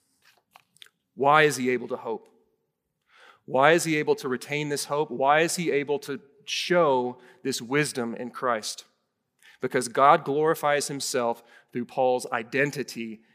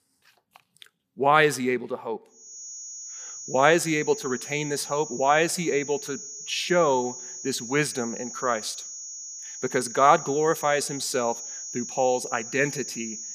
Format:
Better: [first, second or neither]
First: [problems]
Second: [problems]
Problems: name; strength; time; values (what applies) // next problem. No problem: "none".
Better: first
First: none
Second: high-pitched whine; noticeable; from 2.5 s on; 6.5 kHz, 10 dB below the speech